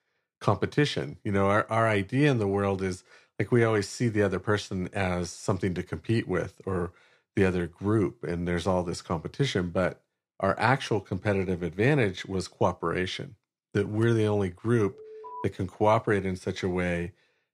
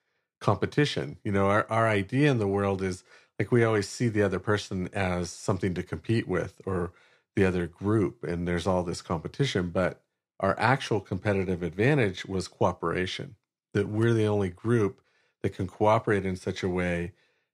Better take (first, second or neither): second